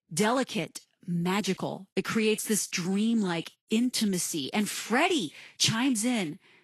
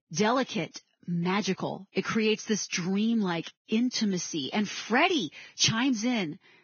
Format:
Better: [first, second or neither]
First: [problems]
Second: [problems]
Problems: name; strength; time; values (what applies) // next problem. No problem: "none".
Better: first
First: garbled, watery; slightly; nothing above 12.5 kHz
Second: garbled, watery; badly; nothing above 6.5 kHz